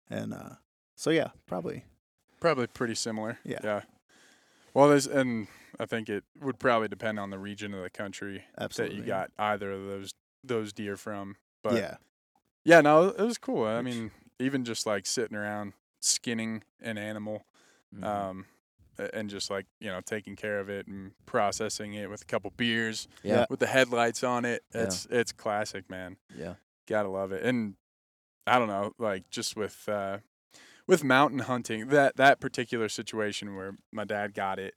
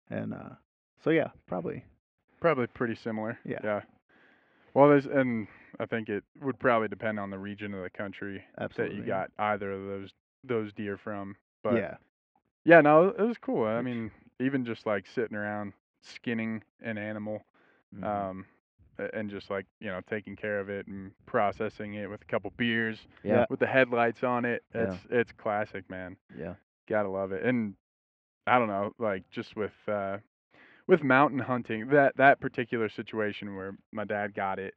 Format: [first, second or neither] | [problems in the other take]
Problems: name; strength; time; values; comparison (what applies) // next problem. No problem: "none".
first | muffled; very; fading above 2.5 kHz